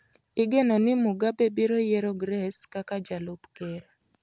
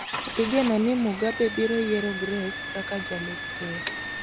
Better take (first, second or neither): first